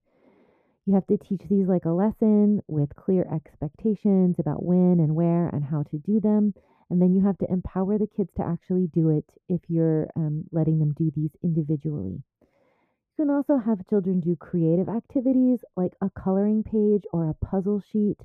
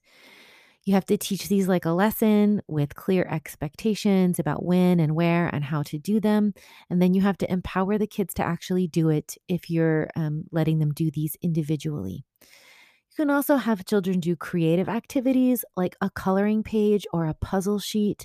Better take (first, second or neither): second